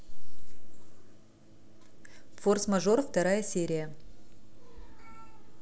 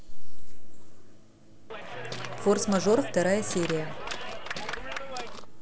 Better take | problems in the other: first | background sound (Clapping + Walk, footsteps); 11 dB below the speech

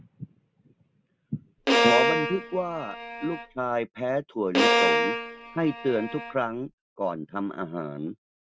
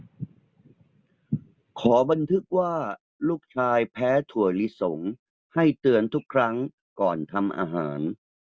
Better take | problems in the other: second | background sound (Bowed string instrument); 4 dB above the speech

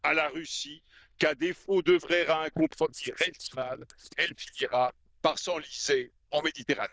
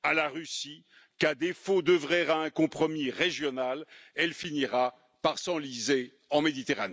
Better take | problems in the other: second | noise reduction (neural diffusion model UNIVERSE++)

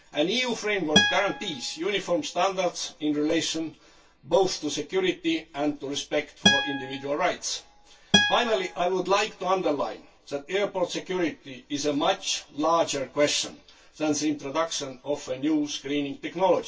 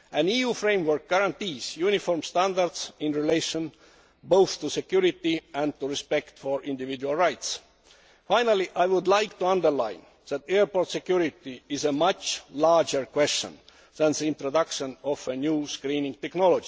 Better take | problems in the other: second | background sound (Acoustic guitar); 1 dB below the speech // room echo; dies away in 0.1 s

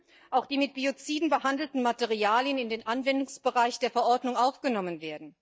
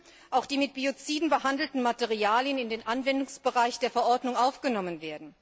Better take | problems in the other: second | noise reduction (neural mask model DeepFilterNet 3)

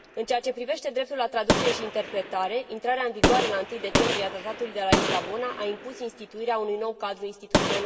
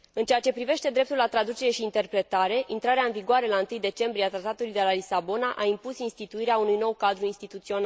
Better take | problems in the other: second | background sound (Gunshot, gunfire); as loud as the speech // room echo; dies away in 2.2 s

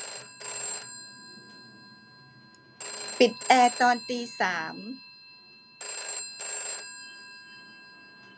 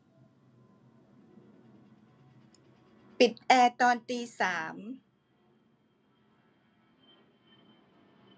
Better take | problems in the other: second | background sound (Telephone); 9 dB below the speech

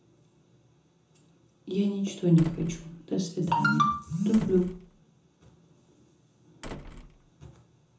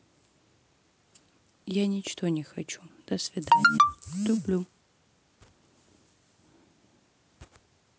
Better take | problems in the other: second | background sound (Slam); 17 dB below the speech // room echo; dies away in 0.7 s

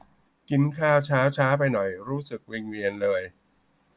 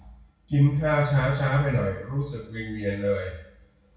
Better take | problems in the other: first | room echo; dies away in 0.6 s

